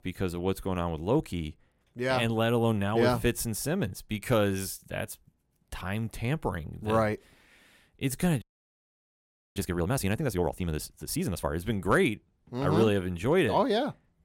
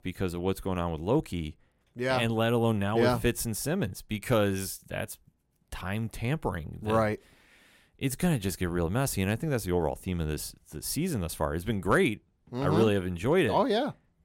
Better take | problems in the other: second | audio freezing; at 8.5 s for 1 s

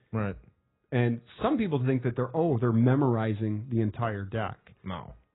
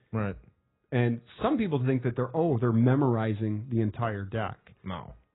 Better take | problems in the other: neither | garbled, watery; badly; nothing above 4 kHz; the same in both

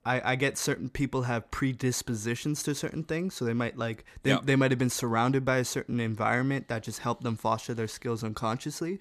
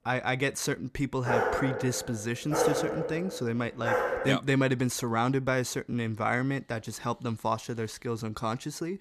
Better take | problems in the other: first | dog barking; loud; from 1.5 to 4.5 s; peak 3 dB above the speech

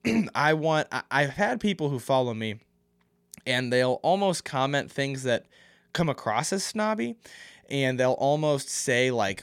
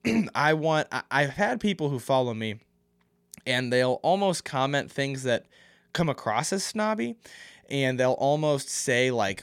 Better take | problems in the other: neither | none

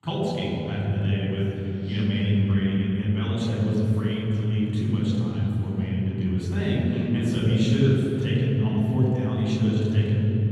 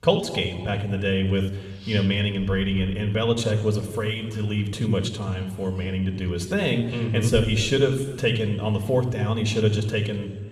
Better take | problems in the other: second | room echo; strong; dies away in 3 s; slight in the second // off-mic speech; far

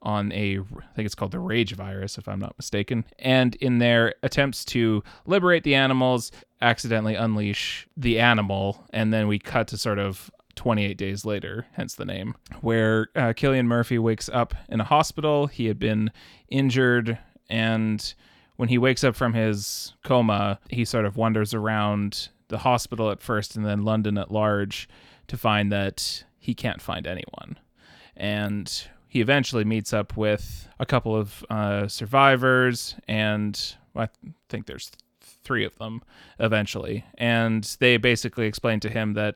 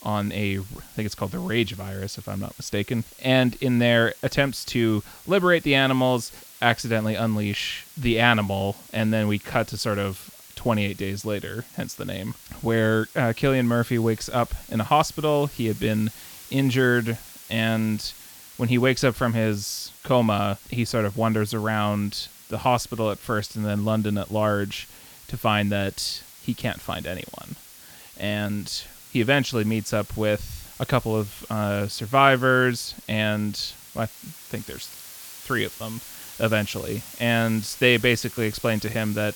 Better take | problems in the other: first | hiss; noticeable; throughout; 20 dB below the speech

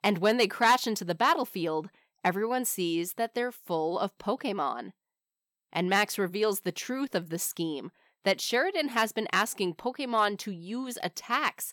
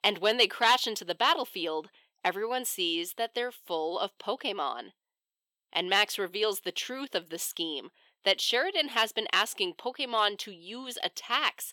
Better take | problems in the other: first | thin; somewhat; fading below 400 Hz

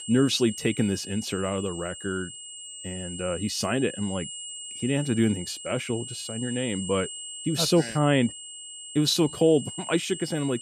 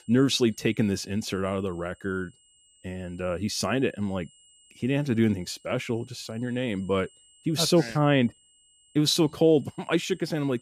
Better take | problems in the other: second | high-pitched whine; loud; throughout; 3 kHz, 10 dB below the speech; faint in the second

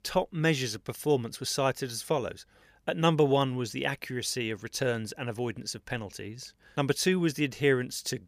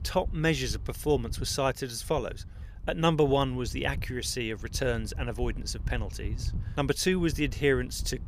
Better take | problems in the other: first | wind noise on the microphone; occasional gusts; 25 dB below the speech

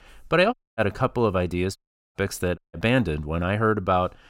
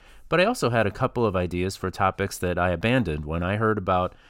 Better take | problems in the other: second | audio cutting out; at 0.5 s, at 2 s and at 2.5 s

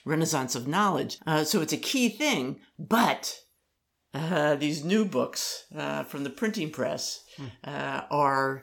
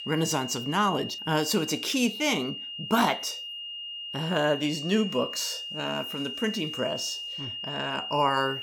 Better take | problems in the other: first | high-pitched whine; loud; throughout; 3 kHz, 6 dB below the speech

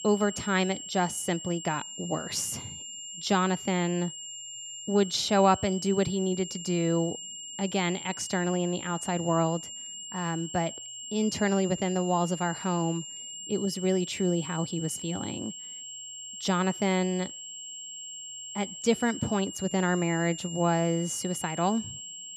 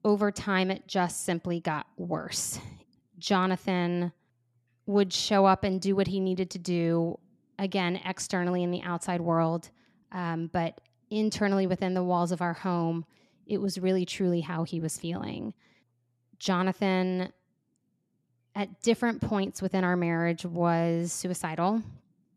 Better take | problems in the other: second | high-pitched whine; loud; throughout; 7.5 kHz, 9 dB below the speech

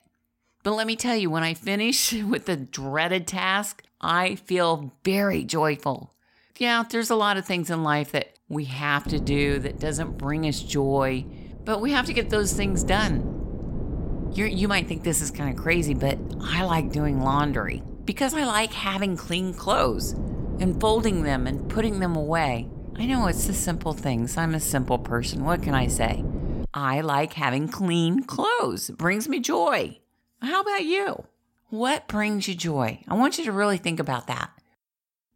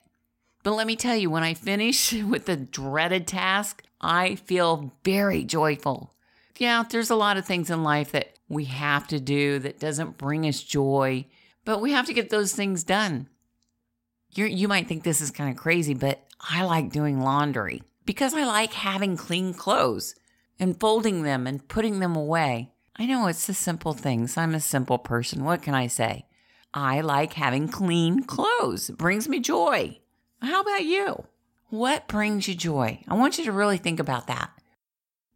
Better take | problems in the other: second | wind noise on the microphone; occasional gusts; from 9 to 27 s; 15 dB below the speech

